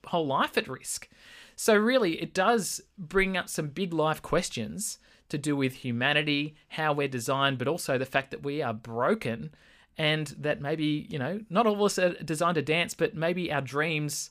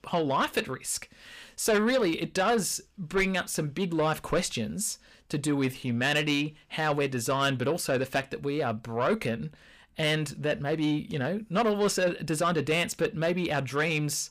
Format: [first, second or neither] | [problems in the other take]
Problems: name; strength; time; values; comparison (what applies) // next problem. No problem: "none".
first | distortion; slight; 10 dB below the speech